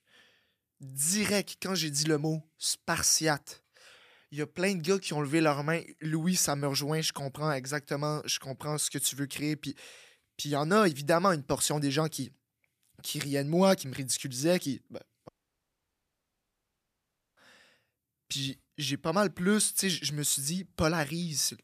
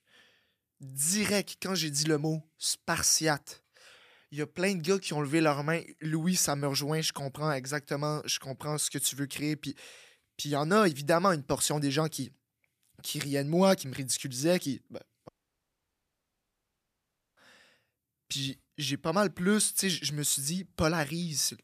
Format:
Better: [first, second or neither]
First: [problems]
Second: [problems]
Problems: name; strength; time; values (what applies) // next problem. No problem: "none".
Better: neither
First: audio cutting out; at 15 s for 2 s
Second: audio cutting out; at 15 s for 2 s